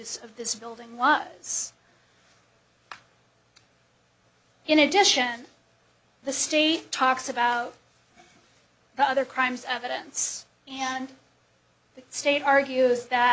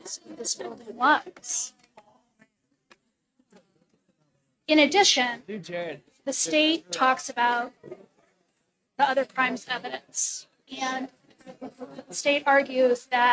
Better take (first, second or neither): first